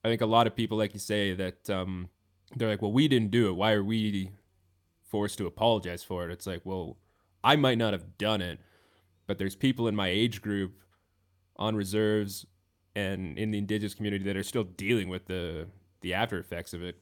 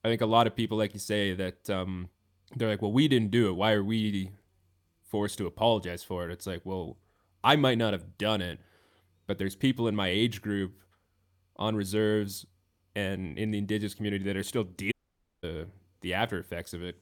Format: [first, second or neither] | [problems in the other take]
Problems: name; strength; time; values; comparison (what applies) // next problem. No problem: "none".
first | audio cutting out; at 15 s for 0.5 s